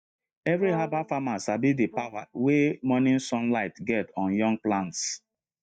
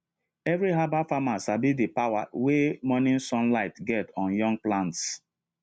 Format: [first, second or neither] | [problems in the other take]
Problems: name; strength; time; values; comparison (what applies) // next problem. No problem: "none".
second | noise reduction (neural mask model DeepFilterNet 3)